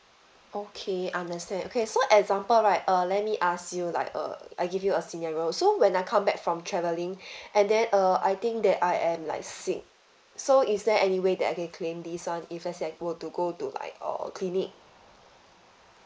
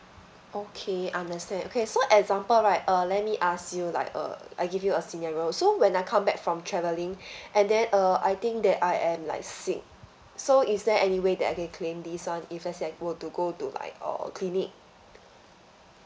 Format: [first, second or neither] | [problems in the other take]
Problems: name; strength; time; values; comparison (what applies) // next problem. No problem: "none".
second | noise reduction (neural mask model Resemble Enhance denoiser)